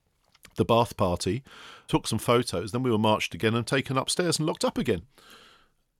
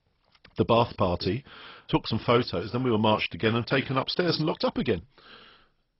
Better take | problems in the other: first | garbled, watery; badly; nothing above 5.5 kHz

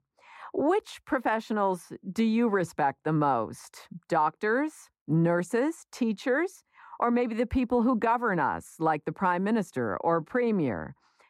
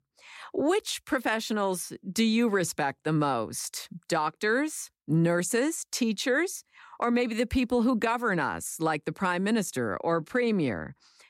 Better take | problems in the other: second | muffled; slightly; fading above 2.5 kHz

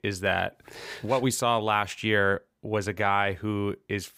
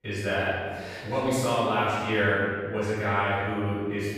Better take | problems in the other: first | off-mic speech; far // room echo; strong; dies away in 1.6 s

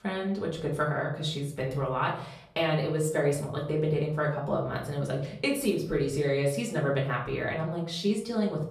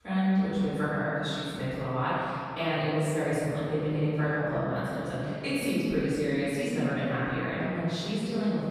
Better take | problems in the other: first | room echo; strong; dies away in 2.7 s; slight in the first // off-mic speech; far; far in the first

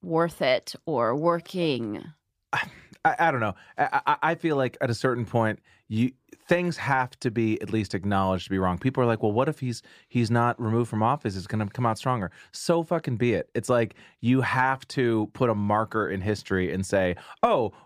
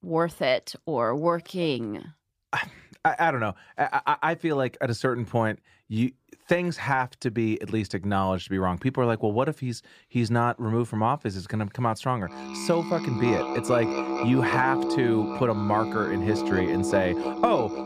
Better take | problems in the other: first | background music; loud; from 6 s on; 3 dB below the speech

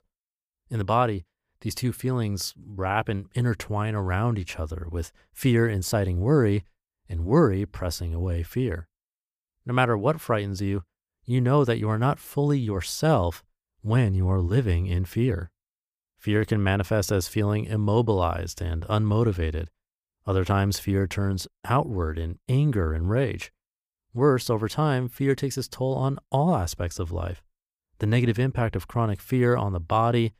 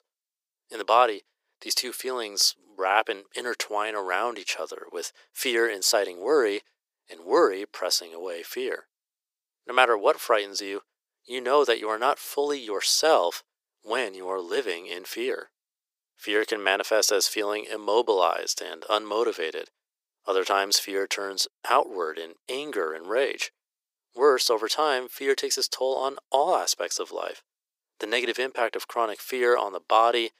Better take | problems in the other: first | thin; very; fading below 400 Hz

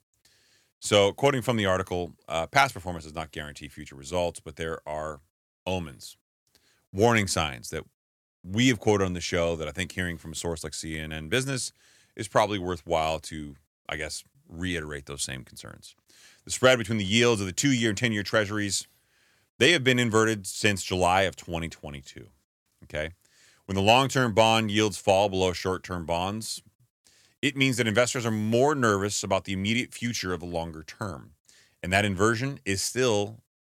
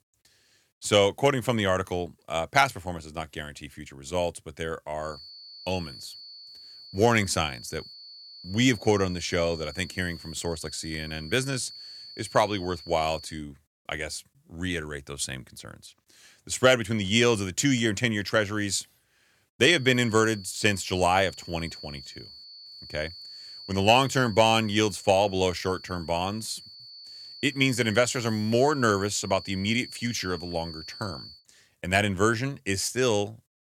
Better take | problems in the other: first | high-pitched whine; noticeable; from 5 to 13 s and from 20 to 31 s; 4.5 kHz, 15 dB below the speech

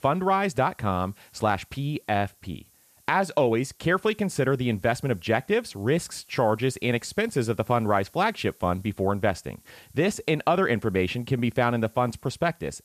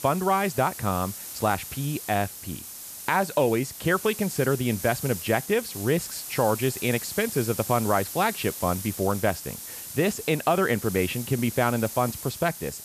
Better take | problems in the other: first | hiss; loud; throughout; 9 dB below the speech; faint in the first

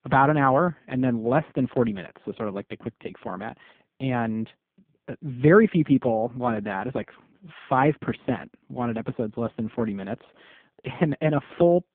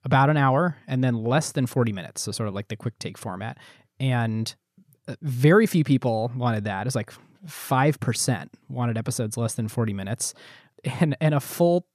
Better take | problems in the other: second | phone-call audio; poor line

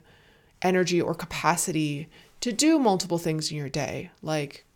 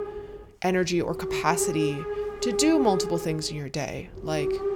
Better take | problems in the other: first | hiss; loud; throughout; 4 dB below the speech

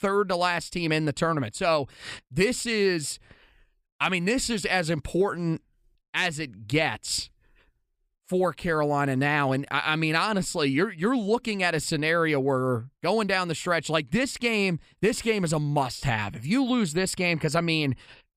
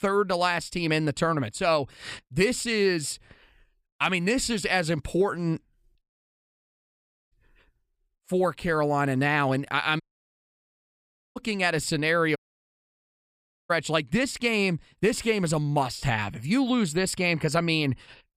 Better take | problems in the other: first | audio cutting out; at 6 s for 1 s, at 10 s for 1.5 s and at 12 s for 1.5 s

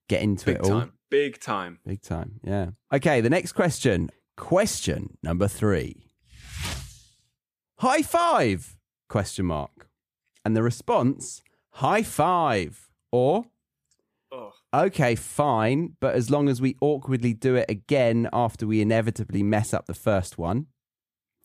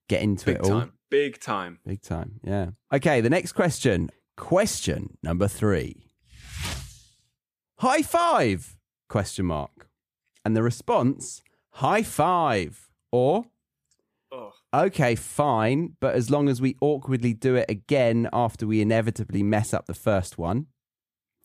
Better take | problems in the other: neither | none

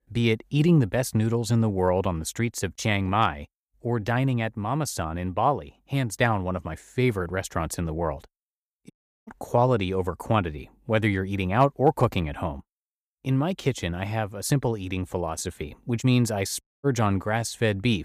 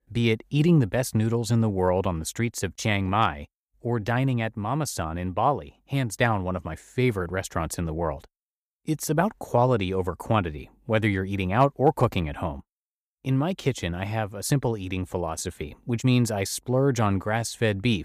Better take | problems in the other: second | audio cutting out; at 9 s and at 17 s

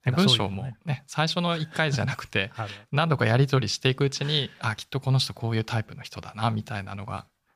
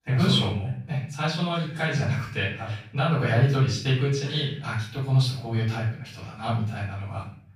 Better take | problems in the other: first | off-mic speech; far // room echo; noticeable; dies away in 0.6 s

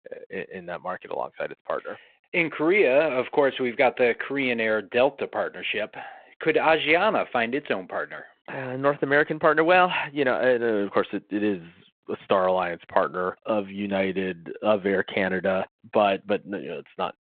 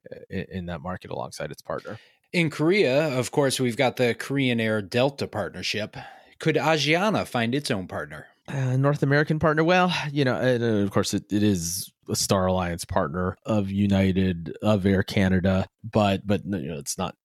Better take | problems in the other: second | phone-call audio

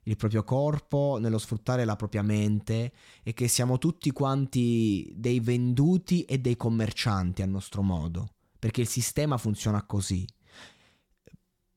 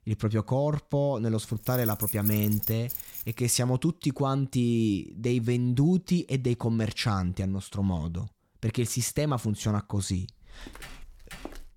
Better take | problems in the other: first | jangling keys; noticeable; from 1.5 to 3.5 s; peak level with the speech // footsteps; faint; from 10 s on; peak 15 dB below the speech

